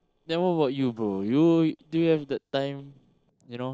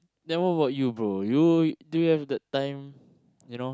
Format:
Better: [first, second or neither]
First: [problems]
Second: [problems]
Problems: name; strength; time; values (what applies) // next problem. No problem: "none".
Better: second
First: noise reduction (neural separator model SepFormer DNS4)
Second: none